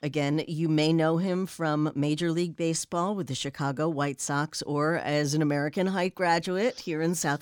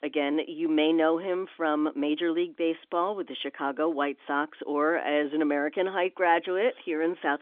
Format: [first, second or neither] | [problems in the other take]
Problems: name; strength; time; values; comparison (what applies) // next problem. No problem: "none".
first | phone-call audio; nothing above 3.5 kHz